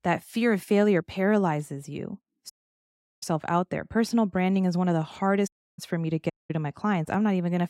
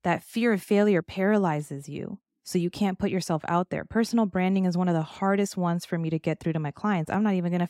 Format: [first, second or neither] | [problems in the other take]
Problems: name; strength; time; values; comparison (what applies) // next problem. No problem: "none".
second | audio cutting out; at 2.5 s for 0.5 s, at 5.5 s and at 6.5 s